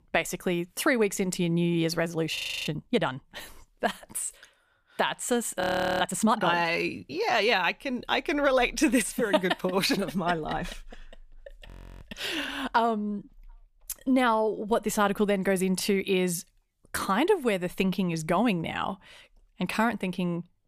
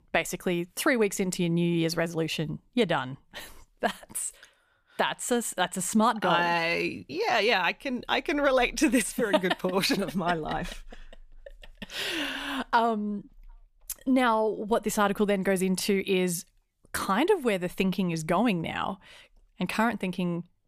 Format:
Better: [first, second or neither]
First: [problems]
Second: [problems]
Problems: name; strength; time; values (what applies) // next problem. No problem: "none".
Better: second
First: audio freezing; at 2.5 s, at 5.5 s and at 12 s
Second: none